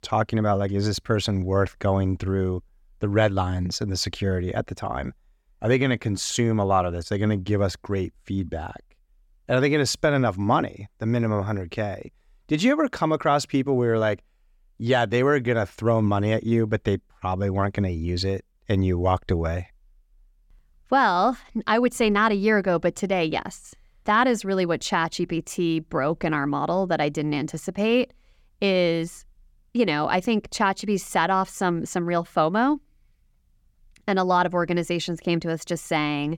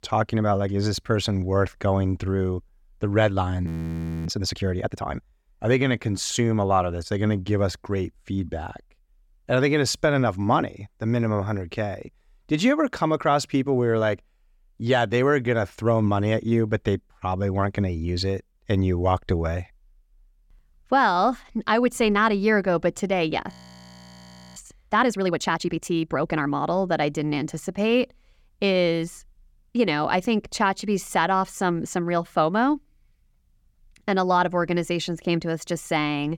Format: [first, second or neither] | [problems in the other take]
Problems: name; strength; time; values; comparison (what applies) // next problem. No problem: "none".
first | audio freezing; at 3.5 s for 0.5 s and at 24 s for 1 s